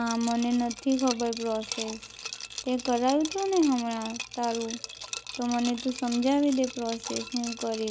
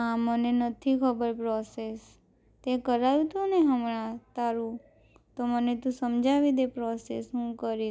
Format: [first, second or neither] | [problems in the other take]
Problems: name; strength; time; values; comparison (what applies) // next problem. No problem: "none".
second | background sound (Liquid); 11 dB below the speech